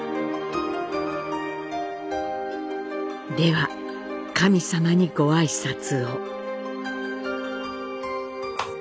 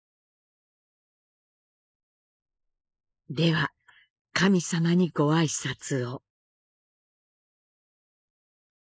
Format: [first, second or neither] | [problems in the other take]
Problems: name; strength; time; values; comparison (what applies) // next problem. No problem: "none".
first | noise reduction (neural mask model Resemble Enhance denoiser)